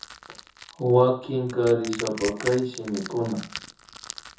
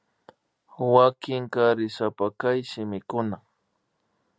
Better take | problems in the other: second | background sound (Crushing); 14 dB below the speech // room echo; dies away in 0.5 s

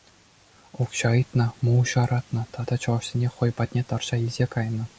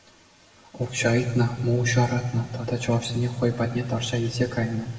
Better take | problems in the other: first | room echo; dies away in 1.4 s

